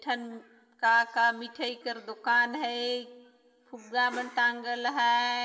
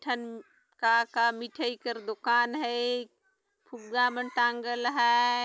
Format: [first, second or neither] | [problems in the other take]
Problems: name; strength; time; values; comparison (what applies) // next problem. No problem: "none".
second | background sound (Whoosh, swoosh, swish); 20 dB below the speech // room echo; dies away in 1.5 s